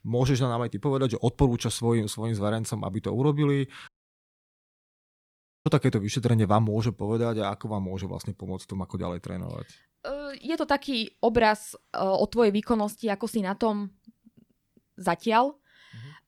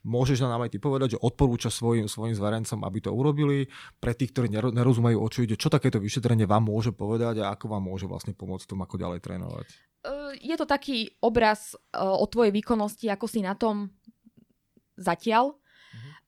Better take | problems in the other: second | audio cutting out; at 4 s for 2 s

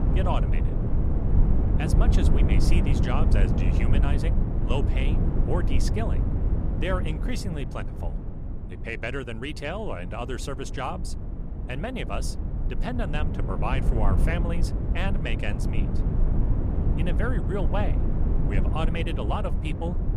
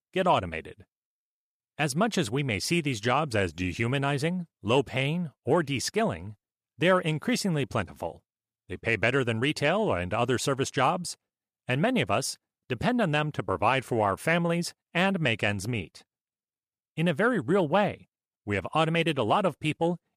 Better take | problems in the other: second | low rumble; loud; throughout; 4 dB below the speech

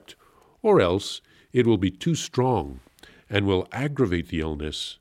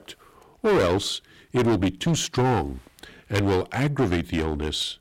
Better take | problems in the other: first | distortion; heavy; 12% of the sound clipped

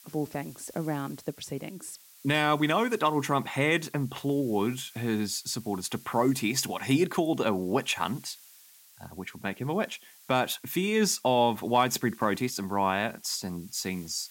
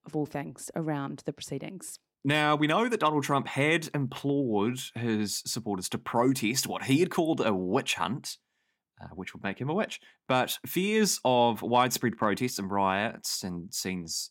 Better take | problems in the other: second | hiss; faint; throughout; 20 dB below the speech

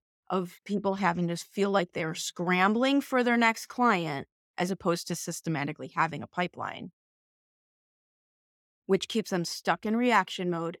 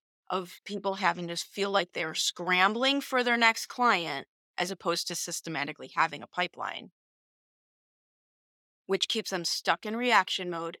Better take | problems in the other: first | thin; very slightly; fading below 550 Hz

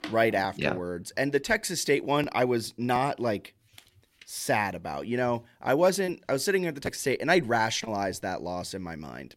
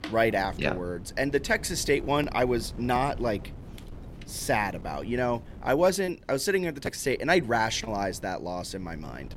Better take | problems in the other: first | wind noise on the microphone; occasional gusts; 25 dB below the speech

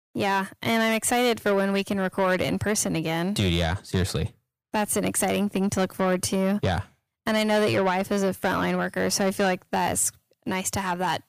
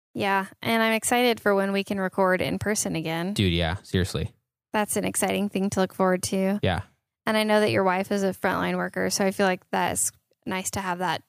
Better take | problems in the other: second | distortion; slight; 10 dB below the speech

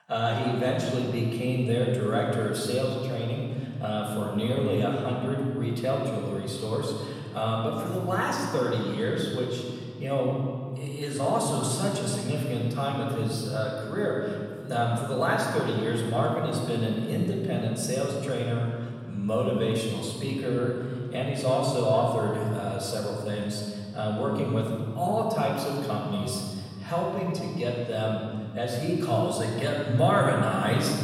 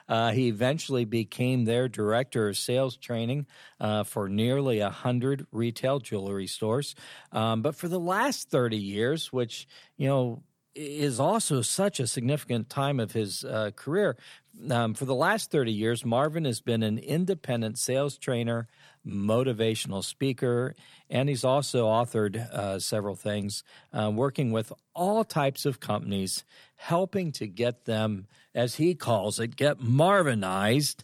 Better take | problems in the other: second | off-mic speech; far // room echo; noticeable; dies away in 2.1 s

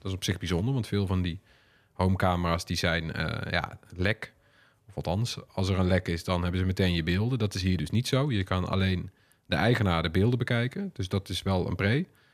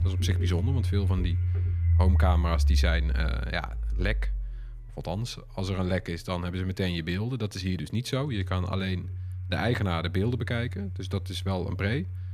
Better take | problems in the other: first | household noises; very loud; throughout; 1 dB above the speech

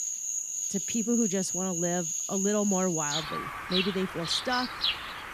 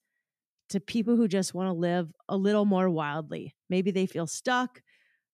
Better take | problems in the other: second | animal sounds; very loud; throughout; 1 dB above the speech

